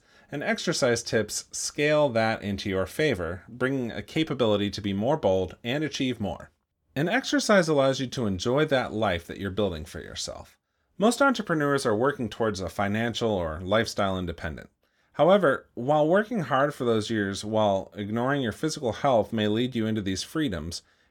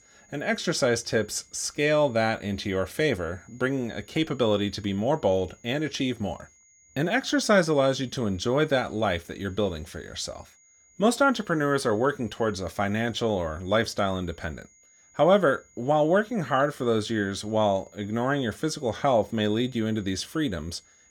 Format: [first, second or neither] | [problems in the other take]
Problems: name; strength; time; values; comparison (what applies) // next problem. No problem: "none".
first | high-pitched whine; faint; throughout; 6.5 kHz, 30 dB below the speech